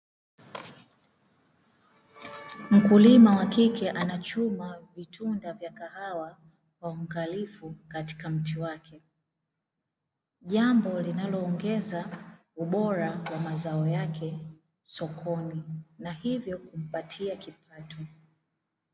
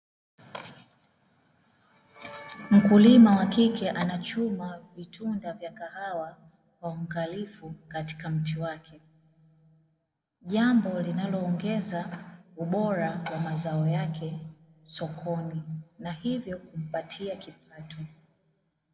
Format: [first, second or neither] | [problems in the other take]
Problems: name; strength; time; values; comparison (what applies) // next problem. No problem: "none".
first | room echo; dies away in 1.3 s